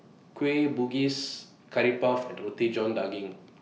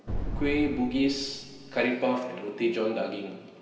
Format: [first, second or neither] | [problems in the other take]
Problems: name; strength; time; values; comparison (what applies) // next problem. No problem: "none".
first | background sound (Boom); 5 dB below the speech // room echo; dies away in 2.1 s